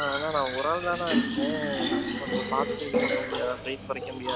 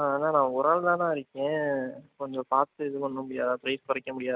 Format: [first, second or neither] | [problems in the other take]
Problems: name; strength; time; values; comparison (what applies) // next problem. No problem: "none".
second | background sound (Fill (with liquid)); 1 dB above the speech